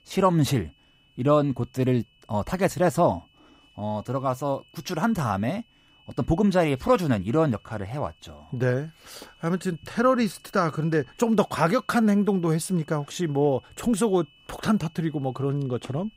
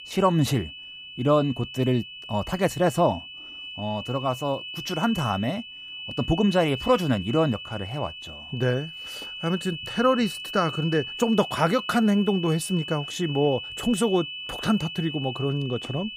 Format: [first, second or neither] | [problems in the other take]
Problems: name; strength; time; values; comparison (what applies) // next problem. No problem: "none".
first | high-pitched whine; loud; throughout; 3 kHz, 10 dB below the speech; faint in the first